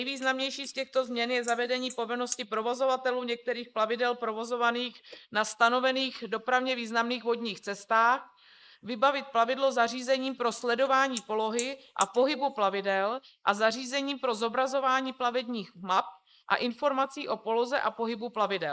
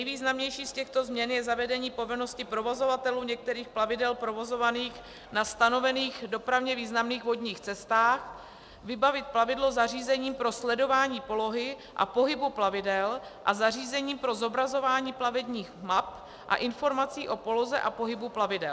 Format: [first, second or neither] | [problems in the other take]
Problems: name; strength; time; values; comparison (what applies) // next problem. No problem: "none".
second | noise reduction (neural mask model Resemble Enhance denoiser)